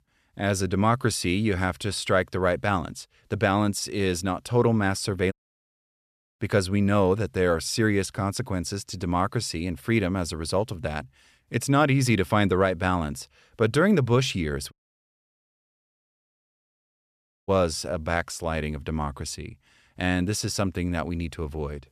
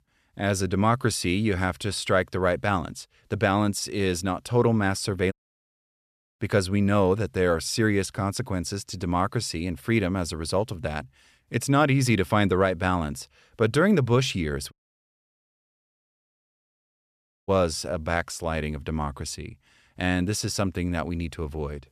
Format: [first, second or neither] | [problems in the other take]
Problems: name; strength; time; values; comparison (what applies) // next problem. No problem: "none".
neither | audio cutting out; at 5.5 s for 1 s and at 15 s for 2.5 s; the same in both